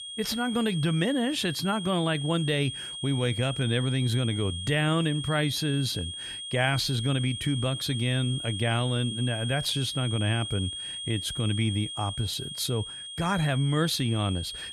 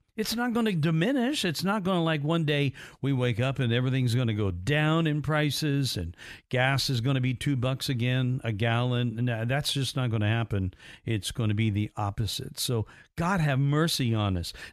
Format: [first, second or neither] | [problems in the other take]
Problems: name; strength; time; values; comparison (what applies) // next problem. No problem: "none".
second | high-pitched whine; loud; throughout; 3.5 kHz, 7 dB below the speech